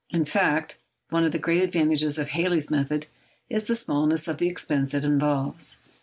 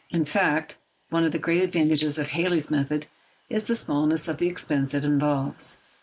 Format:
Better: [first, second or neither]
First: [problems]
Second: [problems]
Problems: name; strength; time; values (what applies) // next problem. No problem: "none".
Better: first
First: none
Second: noise reduction (neural mask model Resemble Enhance denoiser)